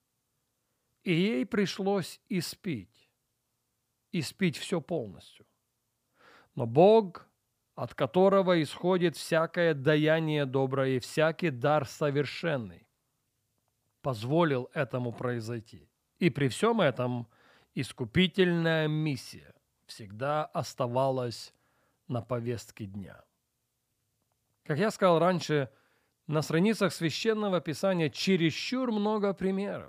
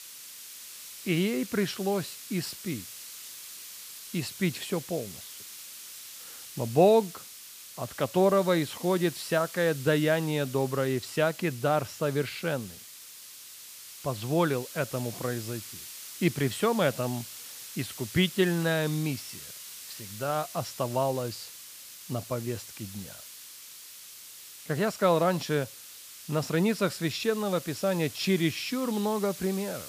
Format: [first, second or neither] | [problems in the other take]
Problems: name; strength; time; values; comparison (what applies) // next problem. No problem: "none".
first | hiss; noticeable; throughout; 15 dB below the speech